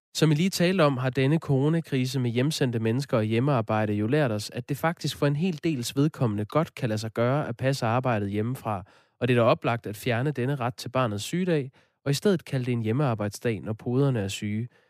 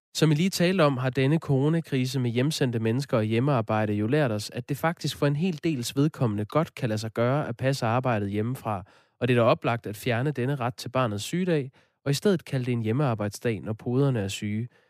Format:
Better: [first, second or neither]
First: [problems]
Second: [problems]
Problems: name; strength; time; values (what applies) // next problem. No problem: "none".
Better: neither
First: none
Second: none